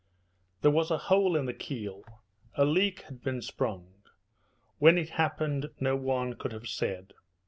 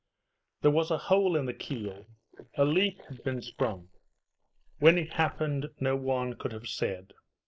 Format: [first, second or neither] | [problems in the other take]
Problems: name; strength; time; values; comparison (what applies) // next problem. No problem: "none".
first | noise reduction (neural mask model Resemble Enhance denoiser)